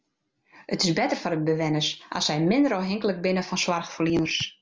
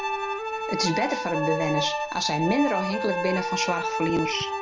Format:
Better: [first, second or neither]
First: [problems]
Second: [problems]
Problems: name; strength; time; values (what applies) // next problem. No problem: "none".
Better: first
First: none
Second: background sound (Wind instrument, woodwind instrument + Bowed string instrument); 1 dB below the speech